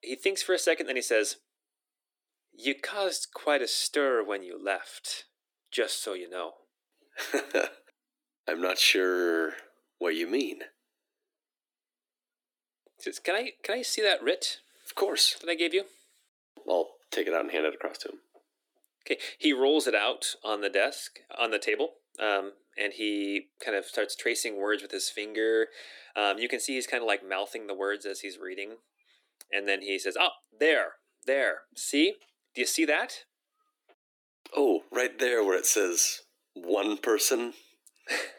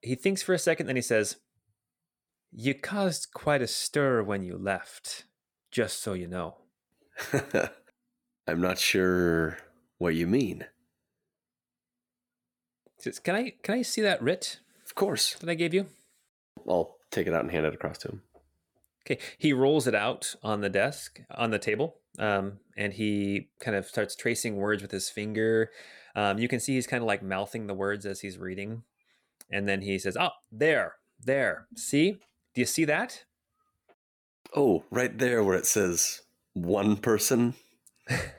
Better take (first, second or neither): second